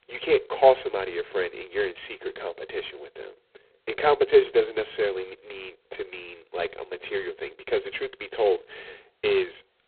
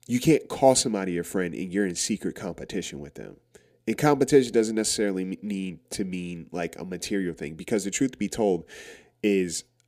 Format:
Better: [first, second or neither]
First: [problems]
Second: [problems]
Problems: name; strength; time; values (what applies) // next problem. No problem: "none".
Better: second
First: phone-call audio; poor line; nothing above 4 kHz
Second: none